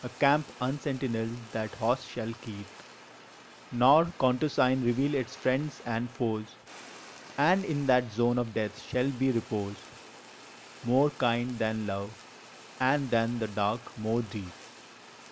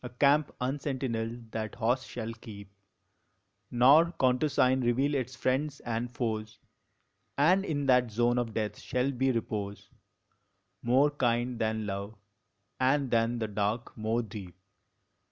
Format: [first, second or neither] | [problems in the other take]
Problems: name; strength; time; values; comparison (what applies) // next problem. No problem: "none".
second | background sound (Fire); 19 dB below the speech